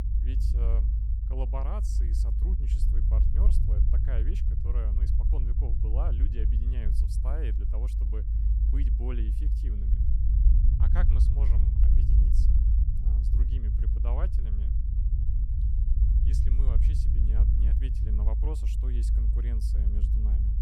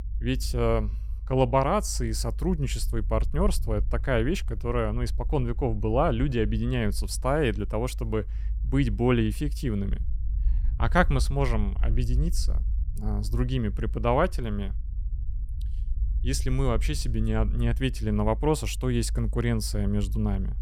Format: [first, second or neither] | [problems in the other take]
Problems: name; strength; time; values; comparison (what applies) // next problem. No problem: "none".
second | low rumble; loud; throughout; as loud as the speech; faint in the second